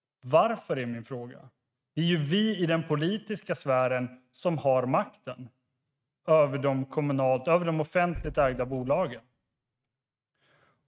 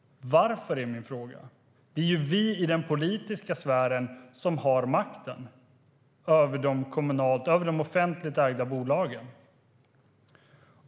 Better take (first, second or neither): second